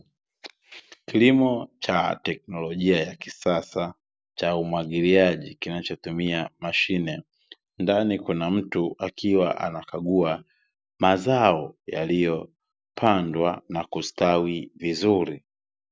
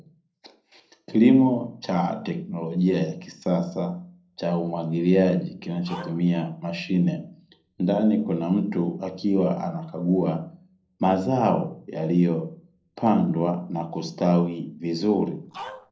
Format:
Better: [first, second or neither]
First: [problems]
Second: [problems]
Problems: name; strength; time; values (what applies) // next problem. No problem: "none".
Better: first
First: none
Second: noise reduction (neural separator model SepFormer DNS4)